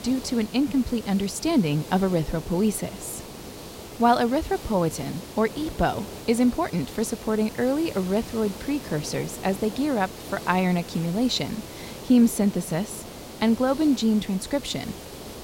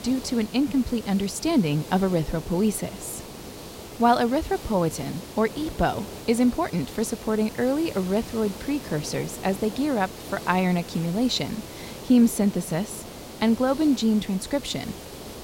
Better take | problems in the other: neither | hiss; noticeable; throughout; 15 dB below the speech; the same in both

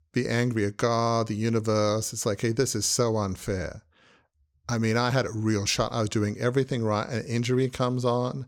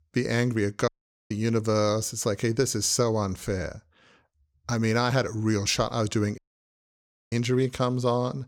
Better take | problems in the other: first | audio cutting out; at 1 s and at 6.5 s for 1 s

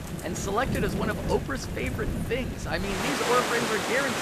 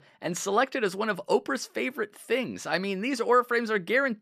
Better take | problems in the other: second | rain or running water; loud; throughout; as loud as the speech

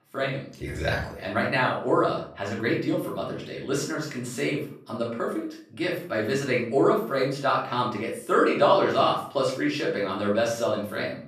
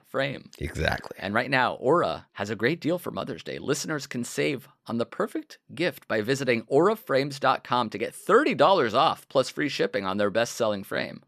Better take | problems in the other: second | off-mic speech; far // room echo; noticeable; dies away in 0.4 s

